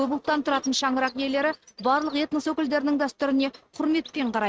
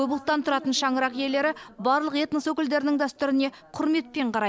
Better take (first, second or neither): second